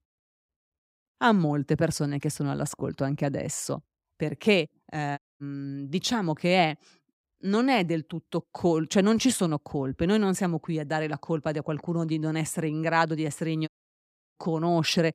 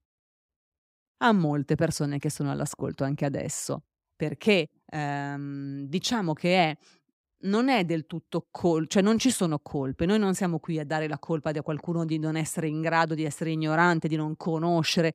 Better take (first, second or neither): second